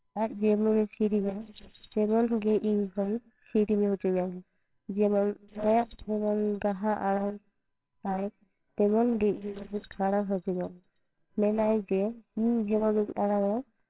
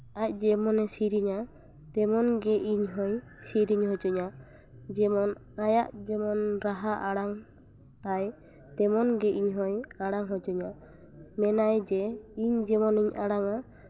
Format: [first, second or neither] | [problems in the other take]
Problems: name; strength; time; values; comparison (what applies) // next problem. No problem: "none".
second | noise reduction (neural separator model SepFormer WHAMR!)